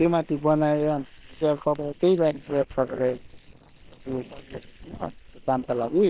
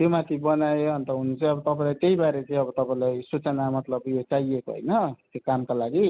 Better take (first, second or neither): second